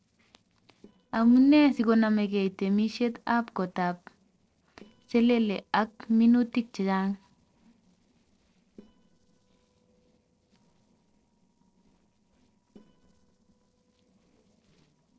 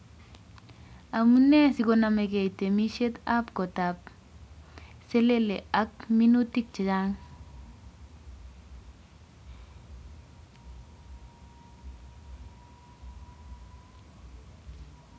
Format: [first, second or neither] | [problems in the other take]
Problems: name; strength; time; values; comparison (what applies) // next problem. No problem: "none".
second | noise reduction (neural separator model SepFormer DNS4)